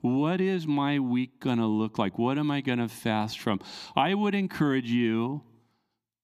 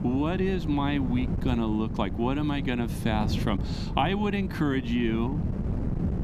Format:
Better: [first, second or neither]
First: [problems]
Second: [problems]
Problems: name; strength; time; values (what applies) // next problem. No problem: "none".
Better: first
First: none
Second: wind noise on the microphone; occasional gusts; 10 dB below the speech